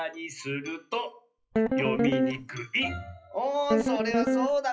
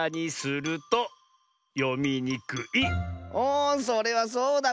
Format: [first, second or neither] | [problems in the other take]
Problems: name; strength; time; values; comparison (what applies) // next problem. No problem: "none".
second | noise reduction (classical method WPE with log-MMSE)